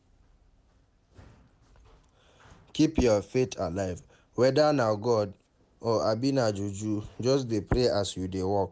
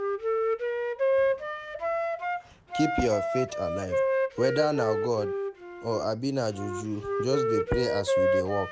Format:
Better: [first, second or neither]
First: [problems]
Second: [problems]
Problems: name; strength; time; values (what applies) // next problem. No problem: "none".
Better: first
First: none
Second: background sound (Wind instrument, woodwind instrument); 2 dB above the speech